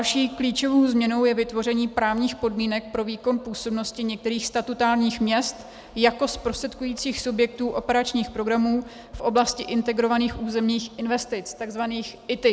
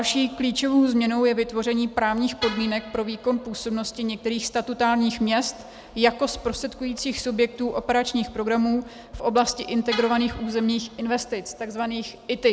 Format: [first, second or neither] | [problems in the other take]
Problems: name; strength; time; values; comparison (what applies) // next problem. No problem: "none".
first | background sound (Vehicle horn, car horn, honking); 15 dB below the speech